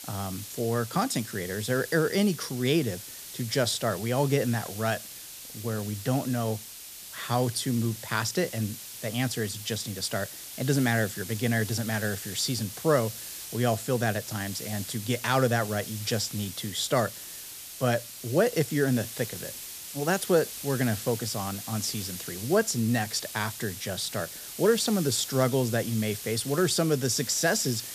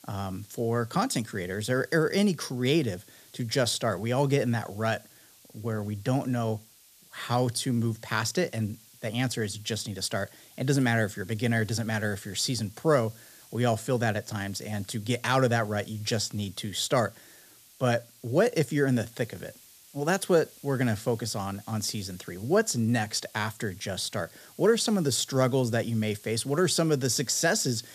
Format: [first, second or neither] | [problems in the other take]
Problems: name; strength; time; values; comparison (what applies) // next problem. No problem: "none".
second | hiss; loud; throughout; 10 dB below the speech; faint in the second